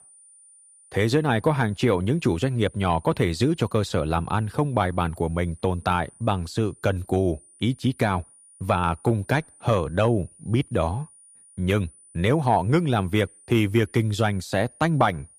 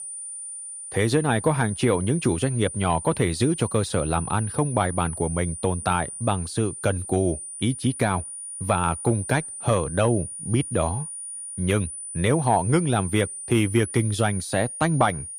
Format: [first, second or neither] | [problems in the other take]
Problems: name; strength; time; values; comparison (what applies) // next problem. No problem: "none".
first | high-pitched whine; loud; throughout; 9.5 kHz, 9 dB below the speech; faint in the first